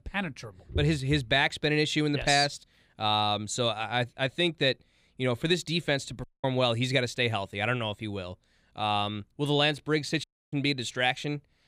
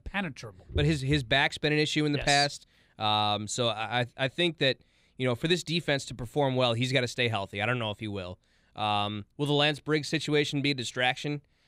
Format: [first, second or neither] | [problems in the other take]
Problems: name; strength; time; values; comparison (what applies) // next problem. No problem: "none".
second | audio cutting out; at 6 s and at 10 s